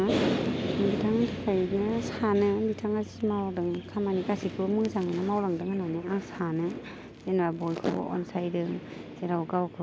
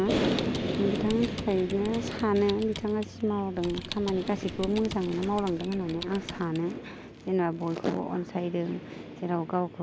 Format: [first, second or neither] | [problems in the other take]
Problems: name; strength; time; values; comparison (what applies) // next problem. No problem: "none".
first | background sound (Typing); 13 dB below the speech